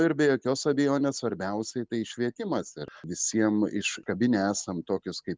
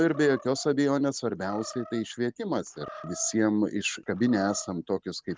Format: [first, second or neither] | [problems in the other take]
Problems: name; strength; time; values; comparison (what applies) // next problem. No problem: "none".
first | background sound (Animal); 19 dB below the speech